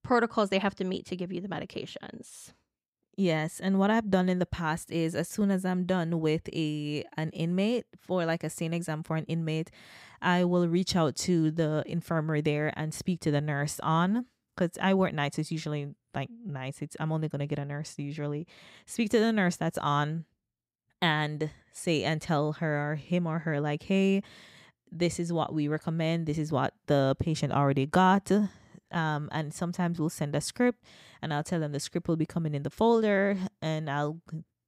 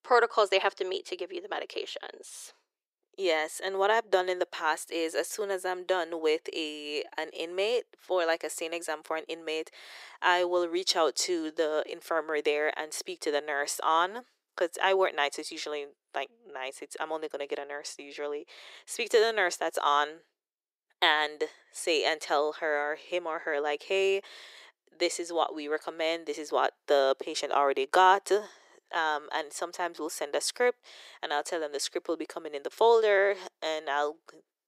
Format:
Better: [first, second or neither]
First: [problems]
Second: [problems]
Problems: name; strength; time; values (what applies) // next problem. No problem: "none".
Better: first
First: none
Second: thin; very; fading below 400 Hz